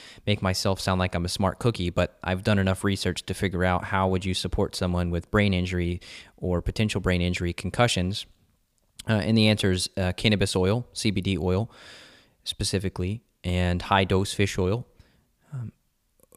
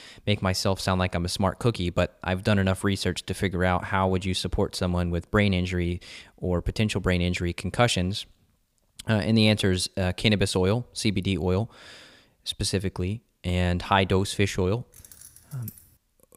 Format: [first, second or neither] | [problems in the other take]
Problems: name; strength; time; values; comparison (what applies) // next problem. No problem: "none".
first | jangling keys; faint; at 15 s; peak 20 dB below the speech